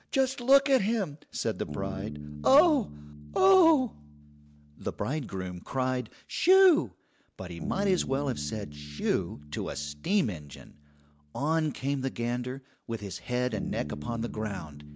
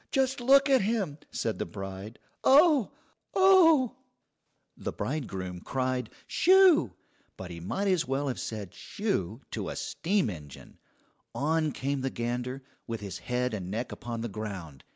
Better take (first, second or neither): second